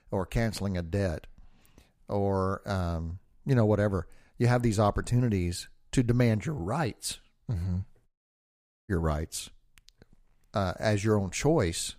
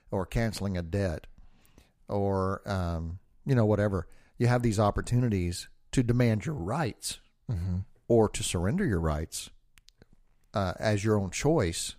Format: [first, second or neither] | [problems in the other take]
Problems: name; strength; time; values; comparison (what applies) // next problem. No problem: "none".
second | audio cutting out; at 8 s for 1 s